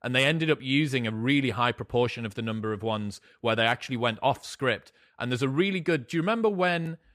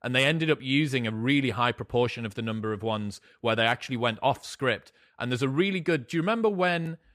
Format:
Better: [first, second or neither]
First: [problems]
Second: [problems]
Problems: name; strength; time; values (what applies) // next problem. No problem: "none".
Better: neither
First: none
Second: none